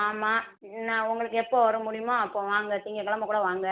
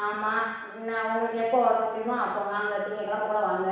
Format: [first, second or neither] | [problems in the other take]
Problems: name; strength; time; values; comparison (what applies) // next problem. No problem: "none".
first | room echo; dies away in 1.1 s